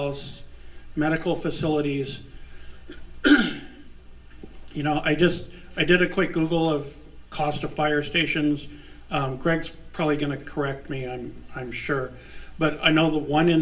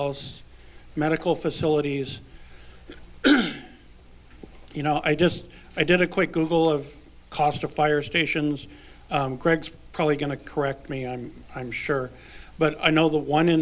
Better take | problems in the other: second | room echo; dies away in 0.5 s

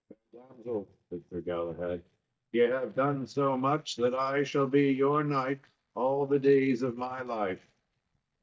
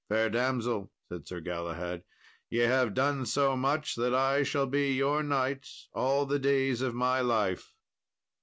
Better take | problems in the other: second | noise reduction (neural mask model DeepFilterNet 3)

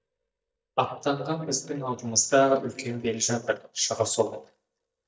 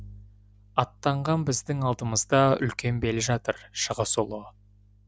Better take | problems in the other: second | noise reduction (neural mask model DeepFilterNet 3)

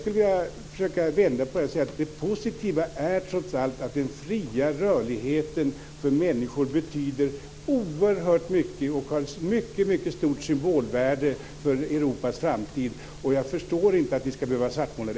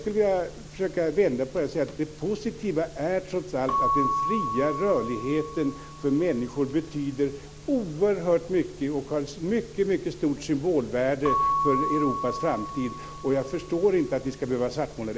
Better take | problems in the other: first | background sound (Keyboard (musical) / Bell); 7 dB below the speech

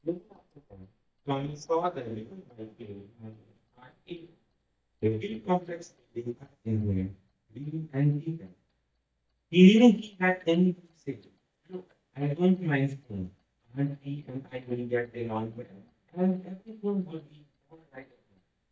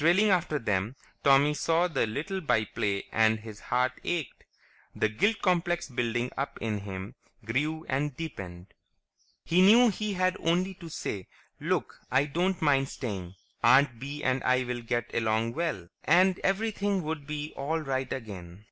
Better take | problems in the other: second | noise reduction (neural mask model DeepFilterNet 3)

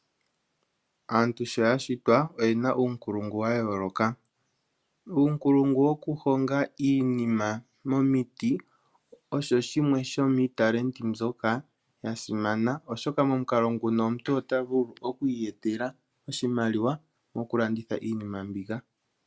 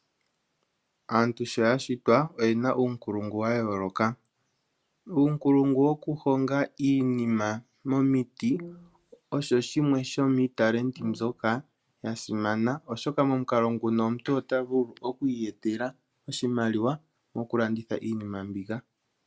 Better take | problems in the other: first | background sound (Brass instrument); 17 dB below the speech

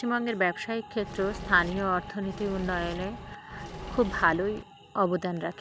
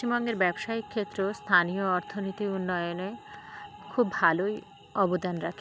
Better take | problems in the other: second | background sound (Engine / Mechanisms); 11 dB below the speech

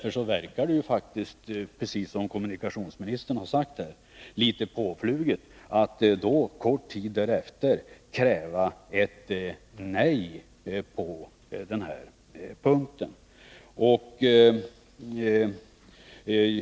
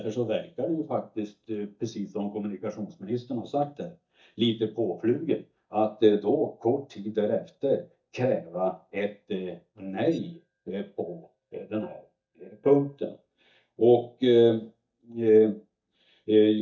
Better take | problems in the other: first | noise reduction (neural mask model DeepFilterNet 3)

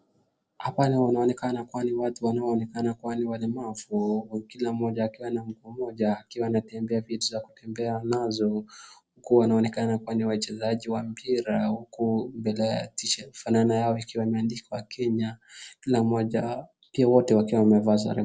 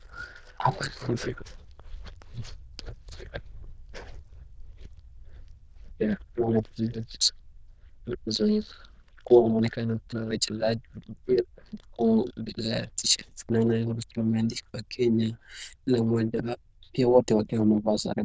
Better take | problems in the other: first | noise reduction (neural diffusion model UNIVERSE++)

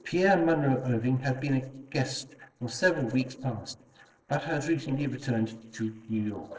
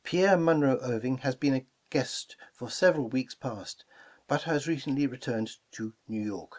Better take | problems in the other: second | noise reduction (neural separator model SepFormer DNS4)

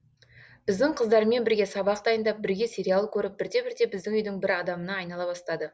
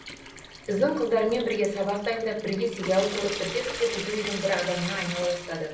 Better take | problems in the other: first | background sound (Trickle, dribble / Sink (filling or washing) / Water tap, faucet); 10 dB below the speech // room echo; dies away in 0.6 s

